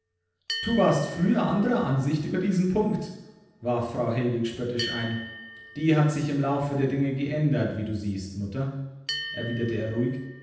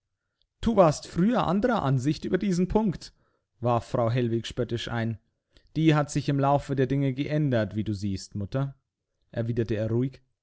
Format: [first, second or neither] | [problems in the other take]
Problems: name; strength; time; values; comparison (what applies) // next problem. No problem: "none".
second | background sound (Bell); 14 dB below the speech // room echo; dies away in 0.9 s